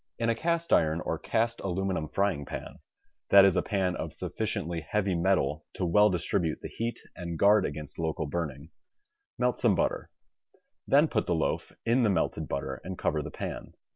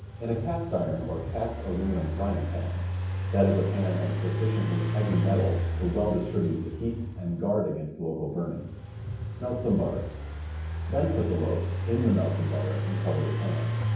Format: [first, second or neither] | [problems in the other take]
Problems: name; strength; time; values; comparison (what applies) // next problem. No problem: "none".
first | background sound (Engine); 1 dB below the speech // room echo; dies away in 0.9 s